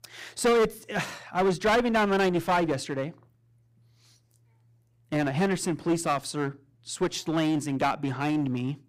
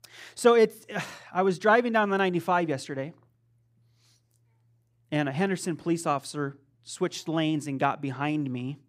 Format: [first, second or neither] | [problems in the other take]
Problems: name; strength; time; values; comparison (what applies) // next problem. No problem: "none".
second | distortion; heavy; 9% of the sound clipped